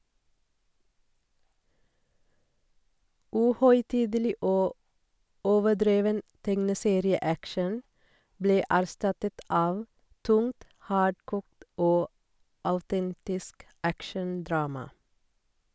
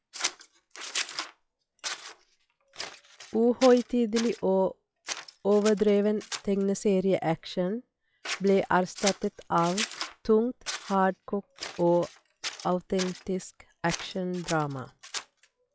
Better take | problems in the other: first | noise reduction (classical method log-MMSE)

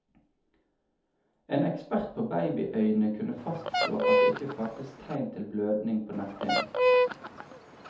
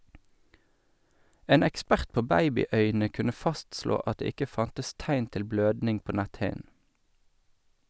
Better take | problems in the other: second | background sound (Fowl); 4 dB above the speech // room echo; dies away in 0.6 s

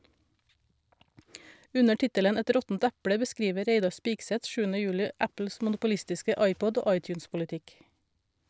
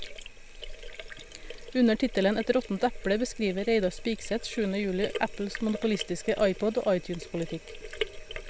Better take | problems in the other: first | background sound (Sink (filling or washing)); 10 dB below the speech

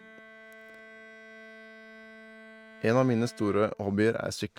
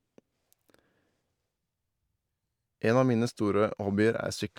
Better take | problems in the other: second | background sound (Bowed string instrument); 19 dB below the speech

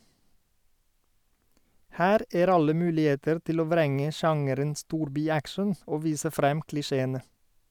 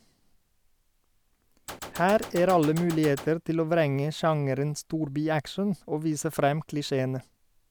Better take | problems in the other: first | background sound (Gunshot, gunfire); 13 dB below the speech

